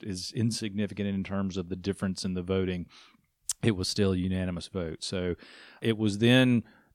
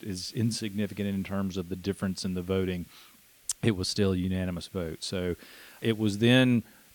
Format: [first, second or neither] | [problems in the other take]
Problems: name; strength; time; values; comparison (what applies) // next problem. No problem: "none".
first | hiss; faint; throughout; 25 dB below the speech